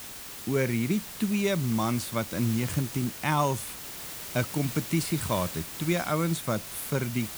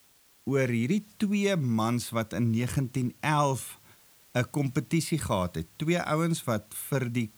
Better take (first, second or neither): second